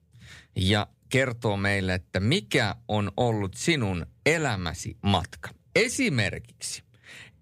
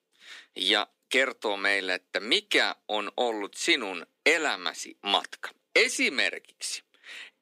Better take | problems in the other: first | thin; somewhat; fading below 250 Hz

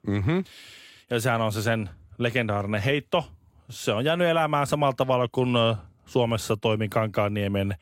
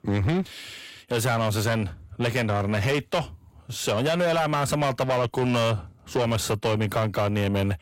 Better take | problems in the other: first | distortion; heavy; 8 dB below the speech

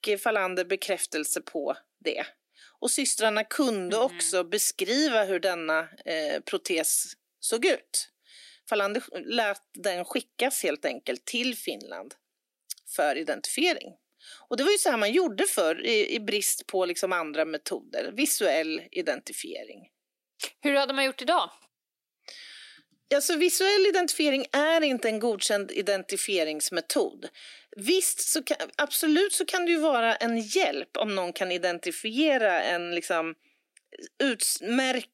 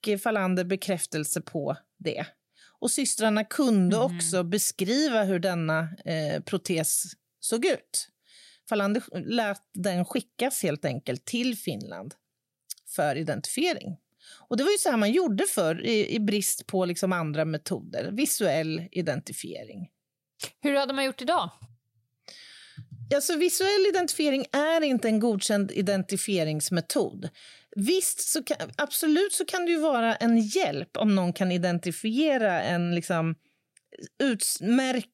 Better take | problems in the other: second | thin; somewhat; fading below 250 Hz

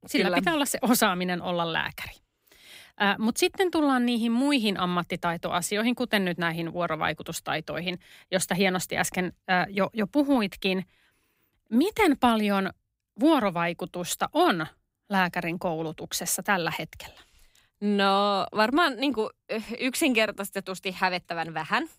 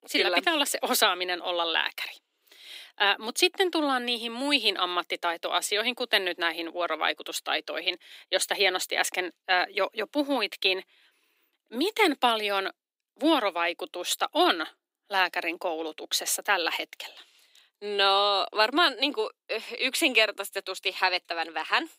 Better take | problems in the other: first | thin; somewhat; fading below 300 Hz

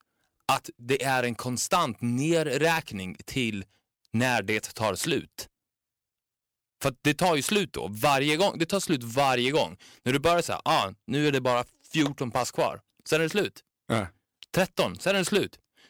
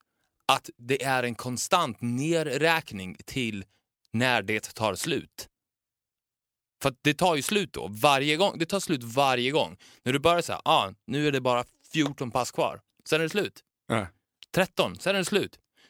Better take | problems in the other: second | distortion; slight; 2% of the sound clipped

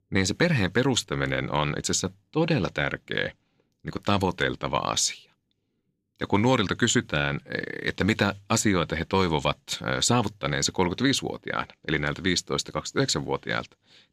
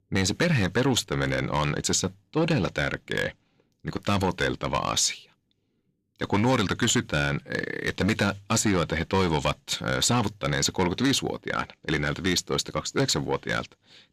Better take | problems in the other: first | distortion; slight; 10 dB below the speech

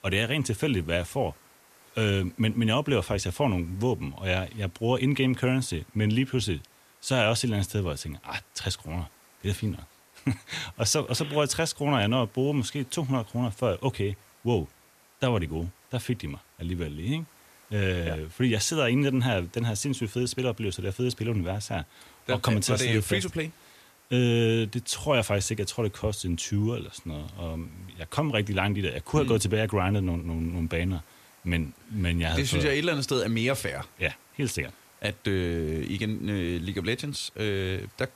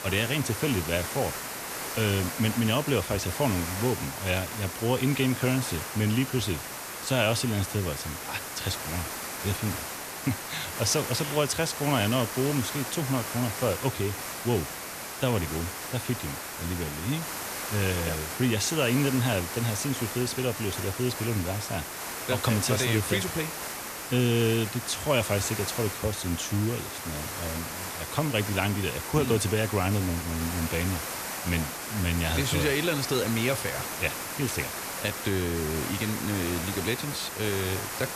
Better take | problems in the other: first | hiss; loud; throughout; 5 dB below the speech; faint in the first

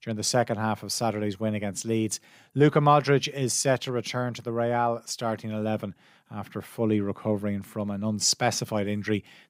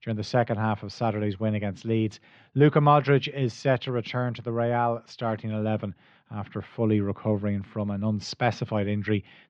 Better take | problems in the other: first | muffled; slightly; fading above 3.5 kHz

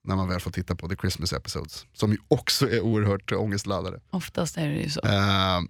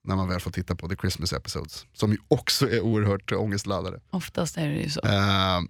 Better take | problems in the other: neither | none

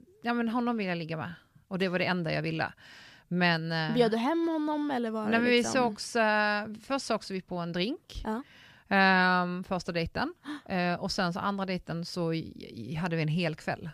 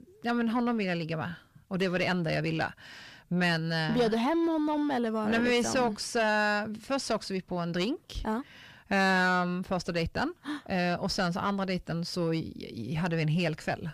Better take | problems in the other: first | distortion; slight; 10 dB below the speech

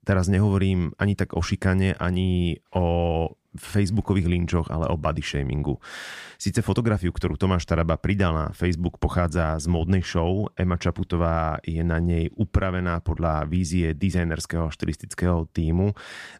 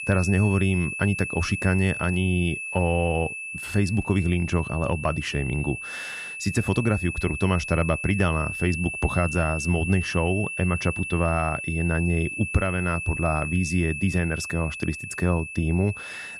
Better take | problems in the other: first | high-pitched whine; loud; throughout; 2.5 kHz, 6 dB below the speech

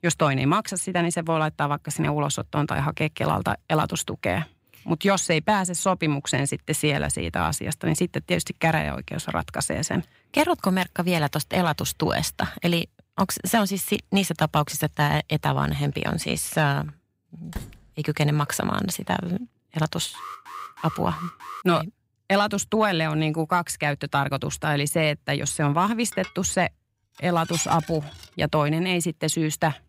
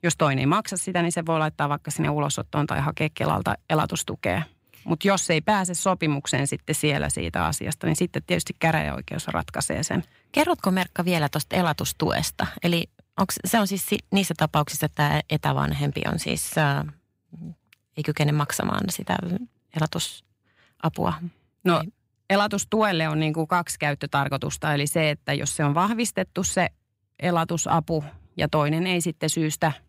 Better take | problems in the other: second | door banging; faint; at 18 s; peak 15 dB below the speech // alarm; faint; from 20 to 22 s; peak 10 dB below the speech // clattering dishes; noticeable; from 26 to 28 s; peak 7 dB below the speech

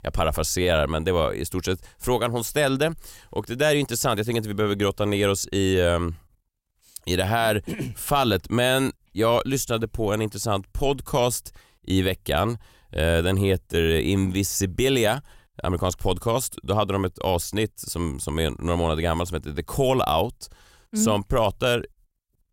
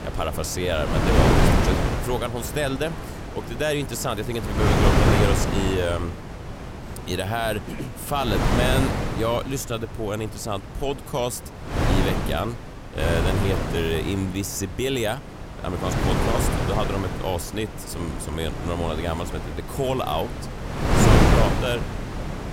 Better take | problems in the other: first | wind noise on the microphone; heavy; as loud as the speech

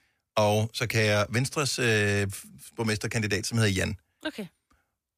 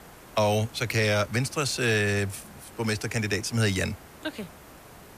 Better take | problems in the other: first | hiss; faint; throughout; 20 dB below the speech

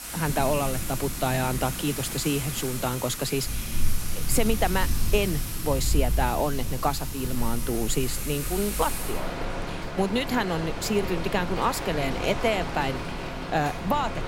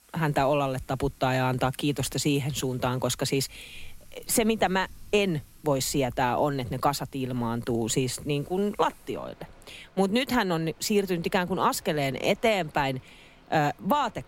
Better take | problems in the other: second | rain or running water; loud; throughout; 4 dB below the speech; faint in the second

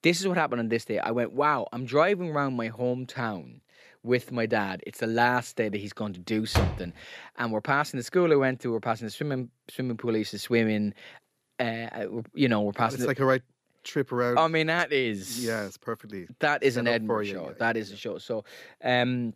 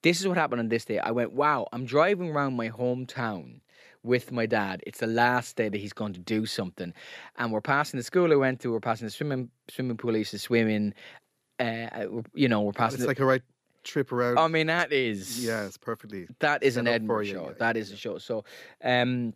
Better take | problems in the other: second | door banging; noticeable; at 6.5 s; peak 1 dB below the speech

